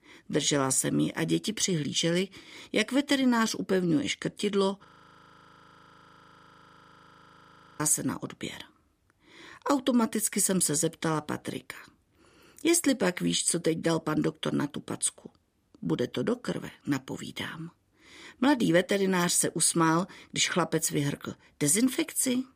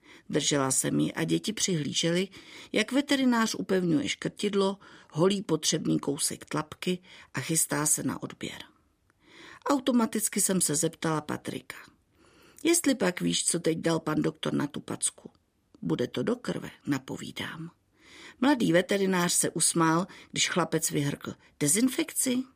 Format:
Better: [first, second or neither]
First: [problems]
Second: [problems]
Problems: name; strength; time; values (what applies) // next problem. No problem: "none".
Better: second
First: audio freezing; at 5 s for 3 s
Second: none